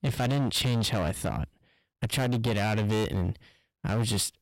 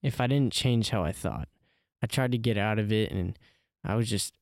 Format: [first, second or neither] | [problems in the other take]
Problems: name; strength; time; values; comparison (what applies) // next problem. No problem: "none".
second | distortion; heavy; 21% of the sound clipped